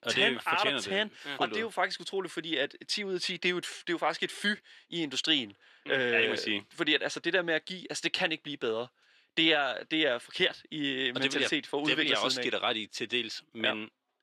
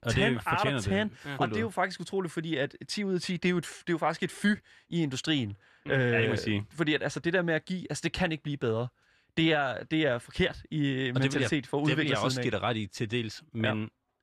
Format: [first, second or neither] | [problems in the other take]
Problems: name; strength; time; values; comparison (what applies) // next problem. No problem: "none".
second | thin; somewhat; fading below 350 Hz